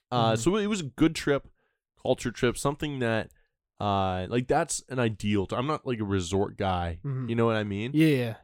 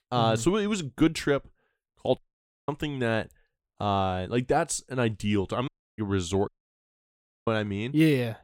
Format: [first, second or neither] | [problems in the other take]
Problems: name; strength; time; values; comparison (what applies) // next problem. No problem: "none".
first | audio cutting out; at 2 s for 0.5 s, at 5.5 s and at 6.5 s for 1 s